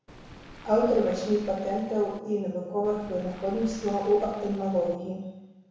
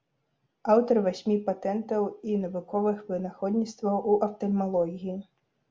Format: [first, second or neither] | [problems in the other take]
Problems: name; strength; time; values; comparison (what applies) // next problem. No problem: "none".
second | background sound (Waves, surf); 18 dB below the speech // room echo; dies away in 1 s